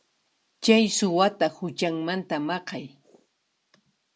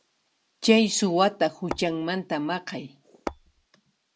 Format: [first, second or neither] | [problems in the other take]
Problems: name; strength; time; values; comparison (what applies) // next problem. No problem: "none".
first | background sound (Tap / Hammer); 10 dB below the speech